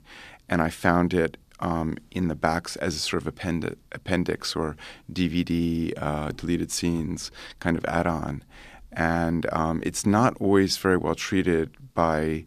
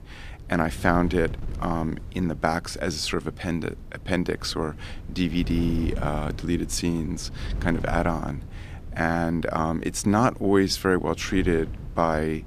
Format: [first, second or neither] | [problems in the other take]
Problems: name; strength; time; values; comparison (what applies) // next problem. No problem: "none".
first | wind noise on the microphone; occasional gusts; 20 dB below the speech